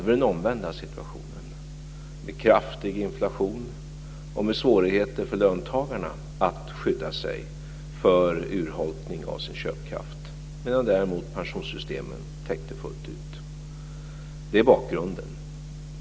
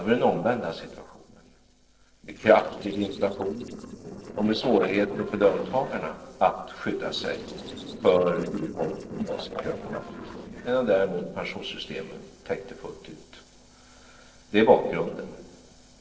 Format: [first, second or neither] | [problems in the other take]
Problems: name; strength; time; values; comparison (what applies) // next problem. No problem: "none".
first | noise reduction (neural separator model SepFormer DNS4)